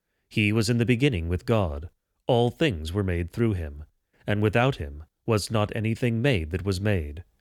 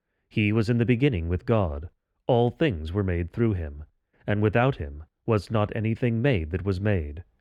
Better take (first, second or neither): first